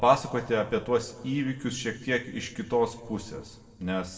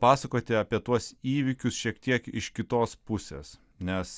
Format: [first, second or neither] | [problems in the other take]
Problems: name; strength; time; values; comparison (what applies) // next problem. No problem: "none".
second | room echo; dies away in 1.3 s